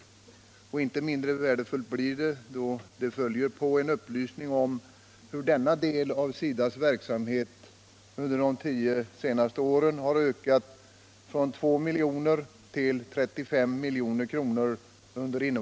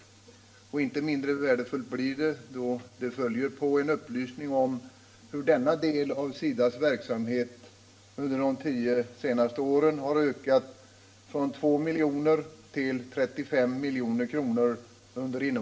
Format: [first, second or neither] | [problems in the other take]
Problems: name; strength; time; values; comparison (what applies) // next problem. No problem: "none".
first | room echo; dies away in 0.6 s